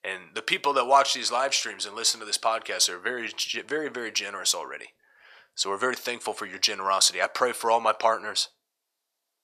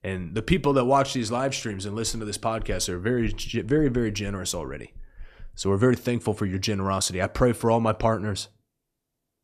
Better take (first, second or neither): second